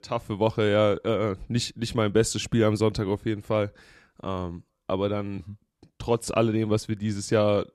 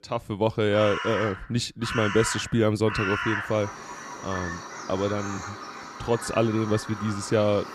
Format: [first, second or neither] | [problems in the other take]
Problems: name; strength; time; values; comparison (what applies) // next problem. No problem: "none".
first | animal sounds; loud; throughout; 7 dB below the speech